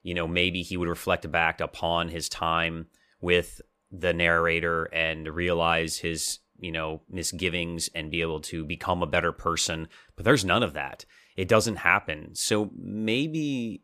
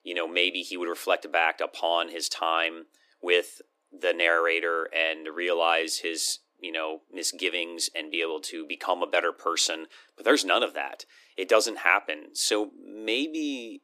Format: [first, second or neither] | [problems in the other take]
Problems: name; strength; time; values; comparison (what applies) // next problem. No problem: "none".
first | thin; somewhat; fading below 300 Hz